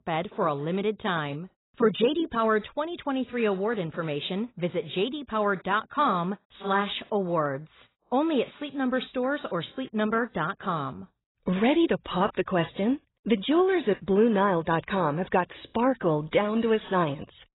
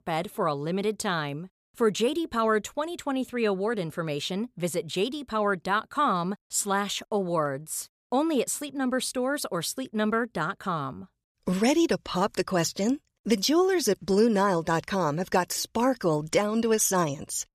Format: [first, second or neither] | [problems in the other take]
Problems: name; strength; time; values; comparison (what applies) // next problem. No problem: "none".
second | garbled, watery; badly; nothing above 4 kHz